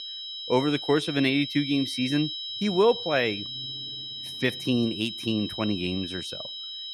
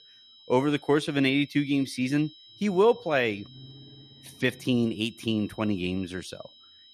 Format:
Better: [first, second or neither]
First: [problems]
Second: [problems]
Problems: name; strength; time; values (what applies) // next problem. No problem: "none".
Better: second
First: high-pitched whine; loud; throughout; 4 kHz, 7 dB below the speech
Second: high-pitched whine; faint; throughout; 4 kHz, 25 dB below the speech